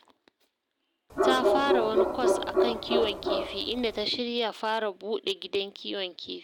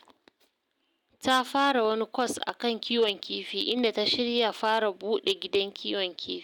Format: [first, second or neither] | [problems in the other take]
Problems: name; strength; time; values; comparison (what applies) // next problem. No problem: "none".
second | background sound (Bark); 5 dB above the speech